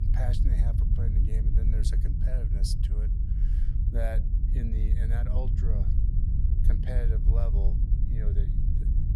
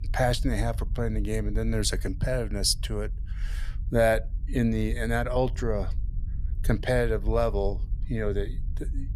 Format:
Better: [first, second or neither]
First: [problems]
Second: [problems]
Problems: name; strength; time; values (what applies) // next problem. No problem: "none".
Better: second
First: low rumble; loud; throughout; 2 dB below the speech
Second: low rumble; faint; throughout; 25 dB below the speech